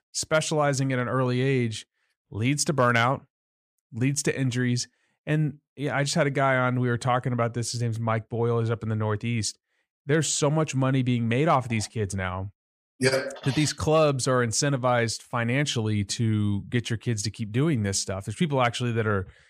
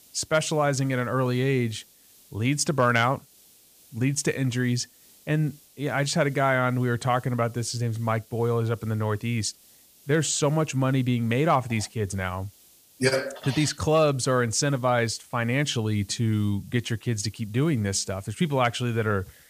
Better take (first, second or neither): first